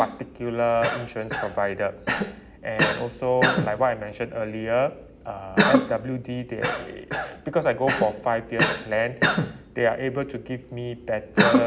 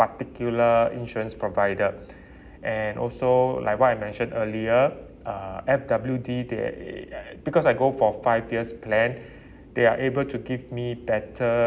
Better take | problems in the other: second | background sound (Cough); 1 dB below the speech

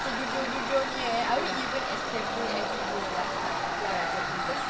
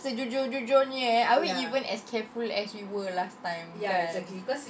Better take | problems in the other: second | background sound (Tools); 3 dB above the speech

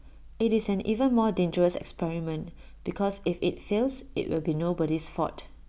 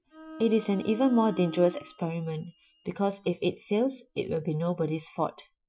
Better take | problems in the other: first | noise reduction (classical method Wiener filter)

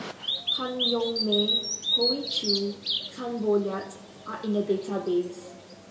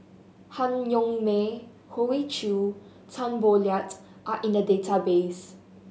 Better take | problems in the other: second | background sound (Bird vocalization, bird call, bird song); 2 dB below the speech // room echo; dies away in 1.5 s

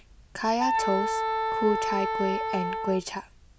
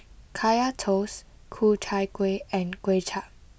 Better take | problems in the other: second | background sound (Wind instrument, woodwind instrument); 1 dB above the speech

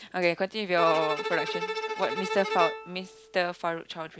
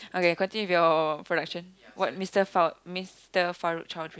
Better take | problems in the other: second | background sound (Bowed string instrument); 5 dB below the speech

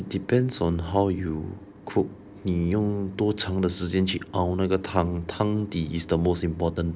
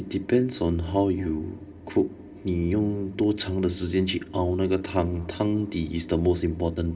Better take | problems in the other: first | room echo; dies away in 2.1 s

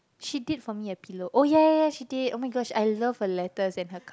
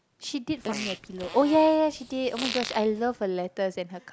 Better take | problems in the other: first | background sound (Fart); 11 dB below the speech

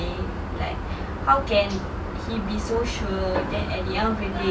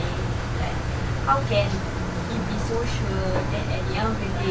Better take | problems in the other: first | background sound (Engine); as loud as the speech

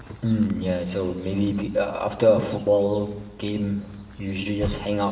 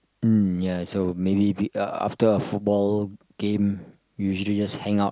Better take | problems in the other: second | background sound (Chirp, tweet); 16 dB below the speech // room echo; dies away in 1.1 s

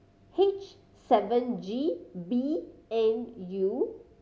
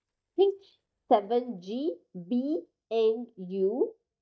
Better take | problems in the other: first | noise reduction (neural mask model DeepFilterNet 3)

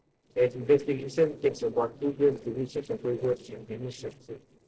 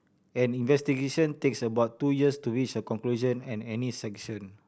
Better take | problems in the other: second | noise reduction (neural separator model SepFormer DNS4)

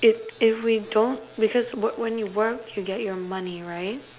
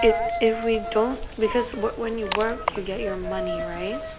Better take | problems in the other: first | background sound (Coin (dropping)); 5 dB below the speech

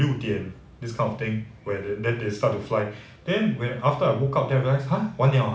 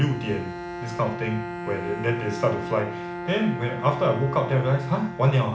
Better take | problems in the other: first | background sound (Bowed string instrument); 9 dB below the speech

